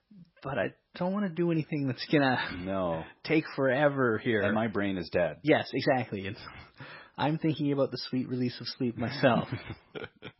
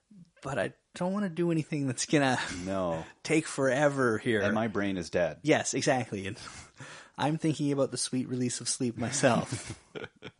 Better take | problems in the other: second | garbled, watery; badly; nothing above 5.5 kHz; slightly in the second

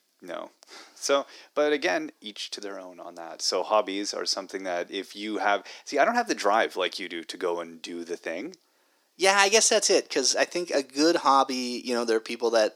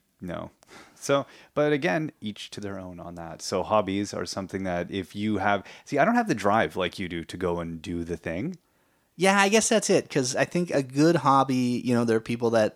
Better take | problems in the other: second | thin; somewhat; fading below 300 Hz

